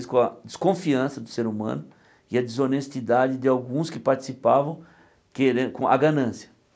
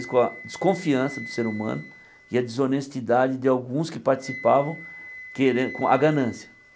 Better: first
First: none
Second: background sound (Wind instrument, woodwind instrument); 17 dB below the speech

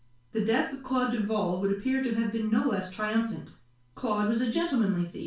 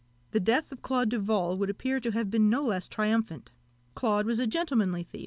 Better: second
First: room echo; dies away in 0.3 s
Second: none

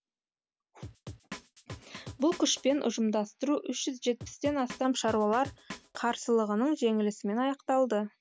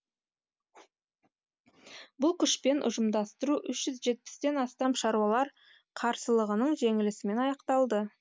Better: second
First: background sound (Drum); 15 dB below the speech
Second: none

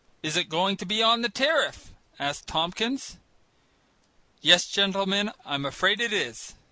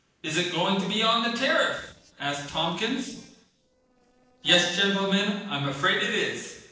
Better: first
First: none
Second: noise reduction (neural separator model SepFormer DNS4)

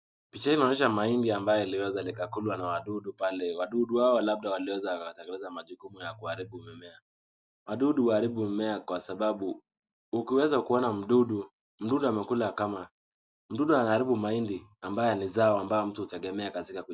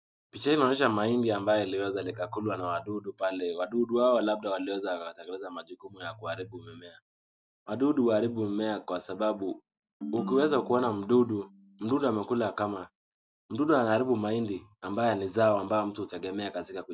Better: first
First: none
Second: background sound (Ringtone); 13 dB below the speech

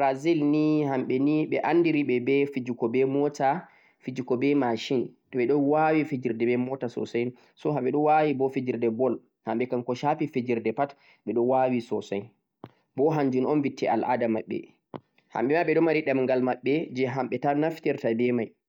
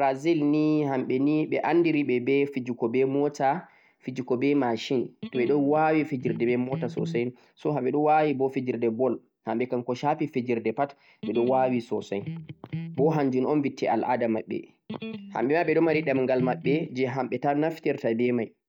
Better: first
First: none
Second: background sound (Electric guitar); 10 dB below the speech

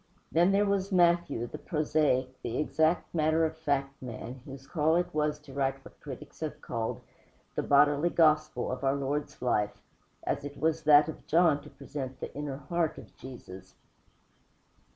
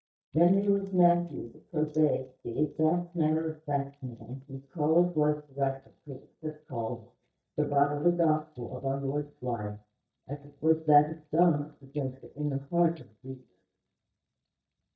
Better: first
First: none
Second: noise reduction (neural mask model DeepFilterNet 3)

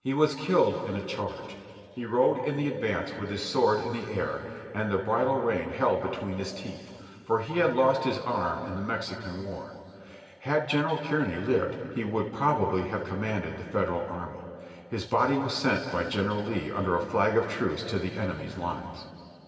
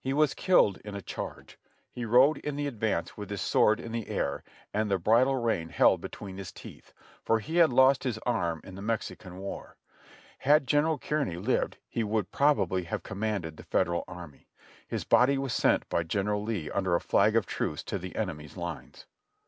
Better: second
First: room echo; dies away in 2.6 s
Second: none

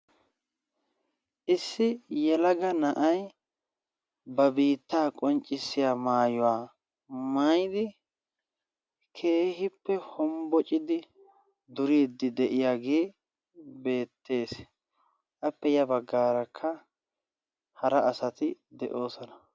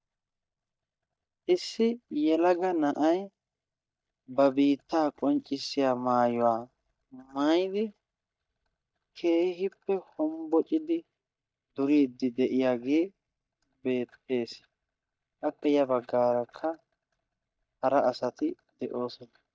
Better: first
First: none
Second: noise reduction (neural mask model DeepFilterNet 3)

